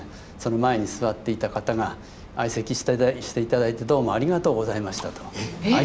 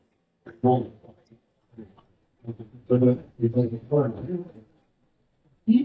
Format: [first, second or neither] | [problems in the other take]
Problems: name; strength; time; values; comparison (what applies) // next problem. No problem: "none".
first | noise reduction (neural mask model DeepFilterNet 3)